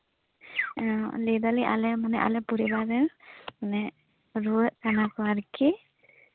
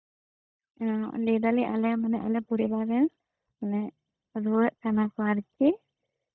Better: first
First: none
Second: noise reduction (neural mask model DeepFilterNet 3)

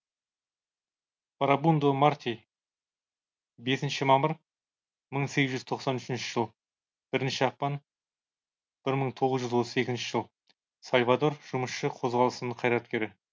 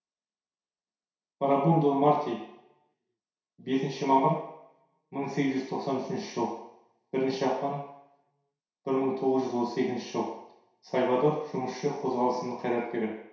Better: first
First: none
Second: room echo; dies away in 0.7 s

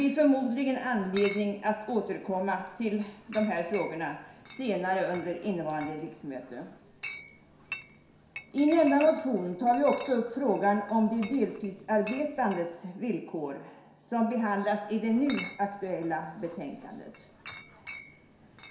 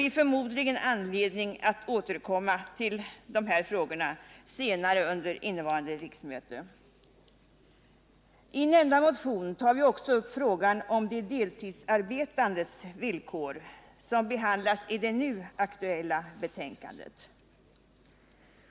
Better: second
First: background sound (Chatter / Chink, clink); 18 dB below the speech // room echo; dies away in 0.7 s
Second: none

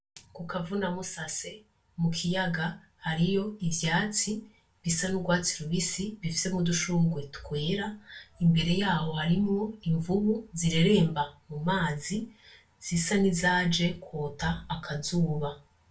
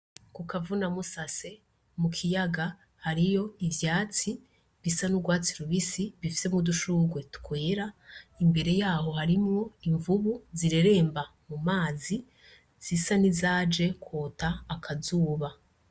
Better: second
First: room echo; dies away in 0.2 s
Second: none

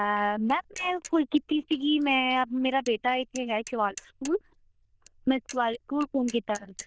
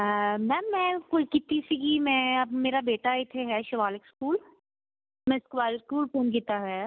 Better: second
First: noise reduction (neural diffusion model UNIVERSE++)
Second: none

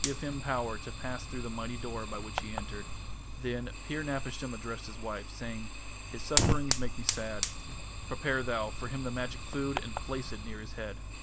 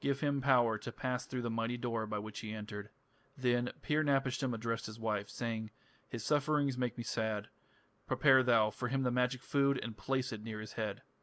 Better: second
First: background sound (Fire); 2 dB above the speech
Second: none

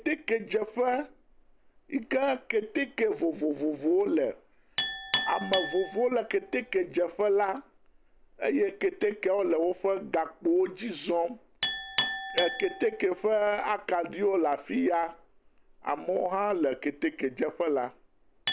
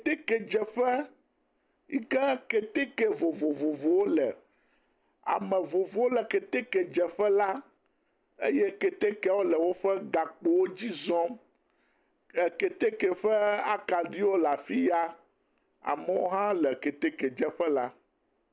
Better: second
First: background sound (Chink, clink); 11 dB below the speech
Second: none

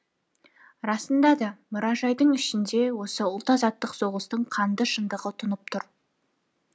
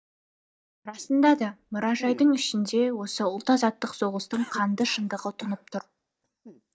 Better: first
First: none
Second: noise reduction (neural mask model DeepFilterNet 3)

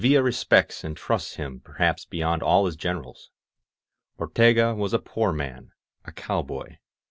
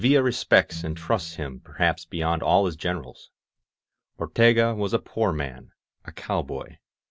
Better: first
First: none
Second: background sound (Piano); 17 dB below the speech

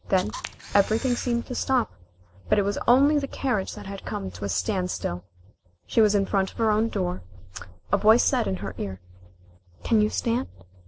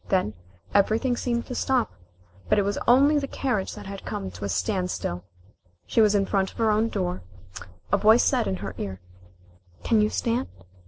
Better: second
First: background sound (Camera); 13 dB below the speech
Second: none

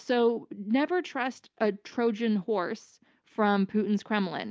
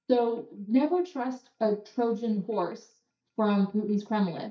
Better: first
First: none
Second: noise reduction (neural mask model DeepFilterNet 3)

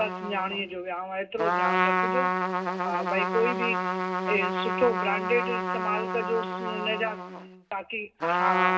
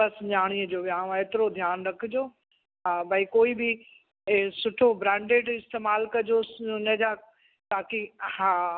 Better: second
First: background sound (Trumpet); 2 dB above the speech // room echo; dies away in 0.2 s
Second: none

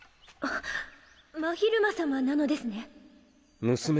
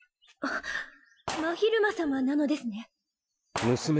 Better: first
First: none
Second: noise reduction (classical method Wiener filter)

